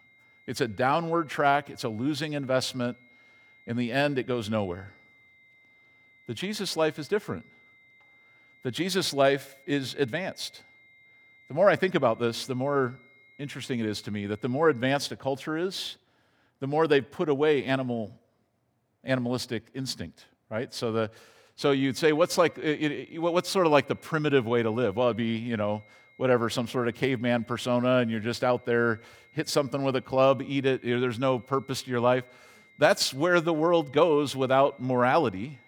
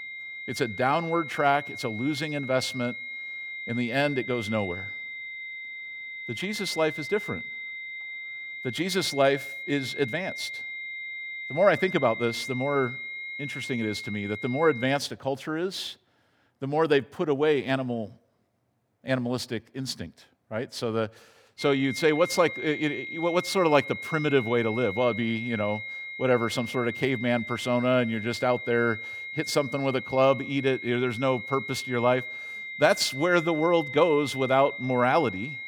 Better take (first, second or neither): first